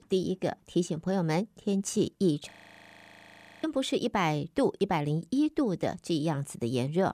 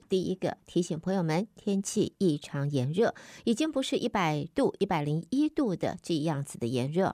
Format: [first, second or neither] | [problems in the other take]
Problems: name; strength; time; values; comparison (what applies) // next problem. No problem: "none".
second | audio freezing; at 2.5 s for 1 s